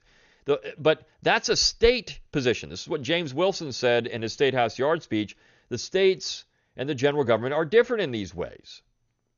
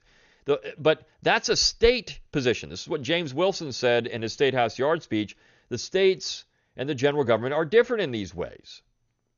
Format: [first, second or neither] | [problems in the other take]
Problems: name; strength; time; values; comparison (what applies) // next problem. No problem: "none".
neither | garbled, watery; slightly; nothing above 6.5 kHz; the same in both